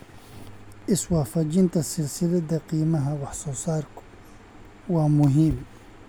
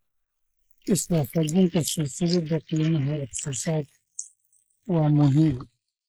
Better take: first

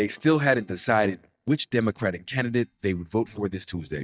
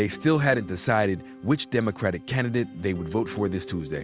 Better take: second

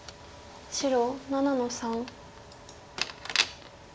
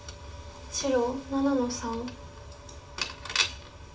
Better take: first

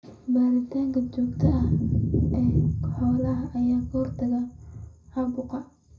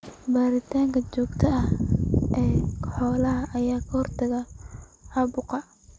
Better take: second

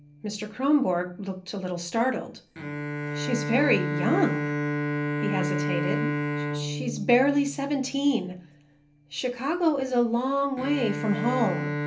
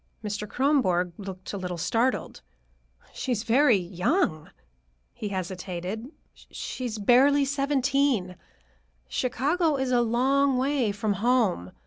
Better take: second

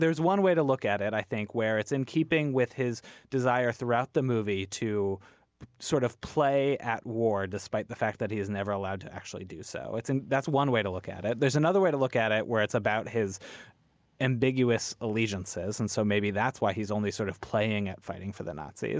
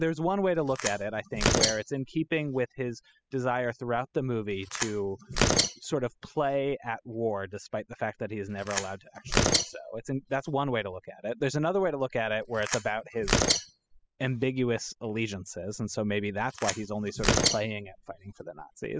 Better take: first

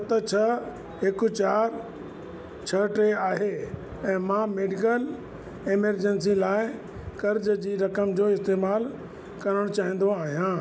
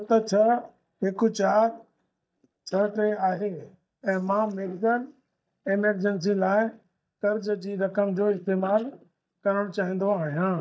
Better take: first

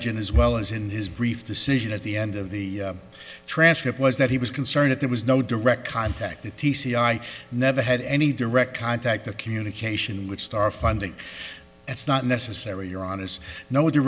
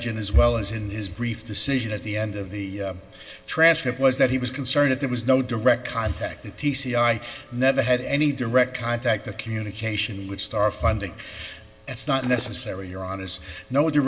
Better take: first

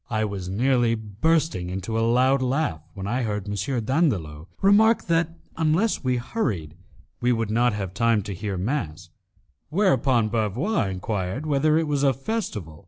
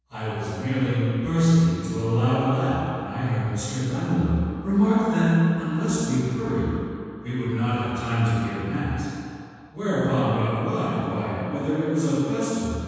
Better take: first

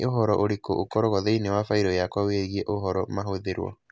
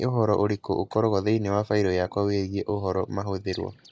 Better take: first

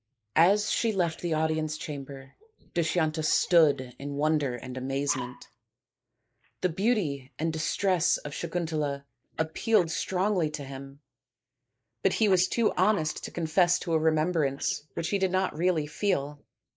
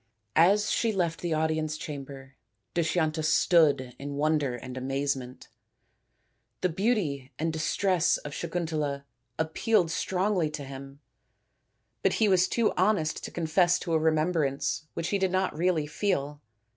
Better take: second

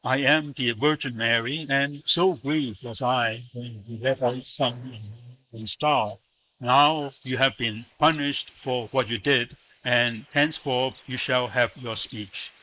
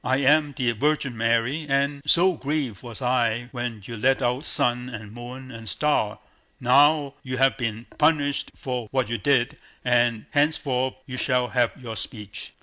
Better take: second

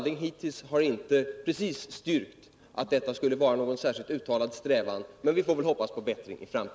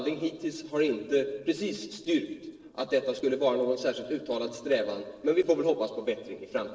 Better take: first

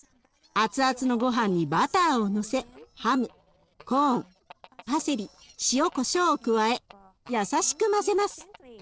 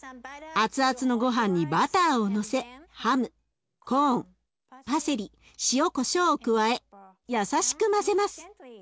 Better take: second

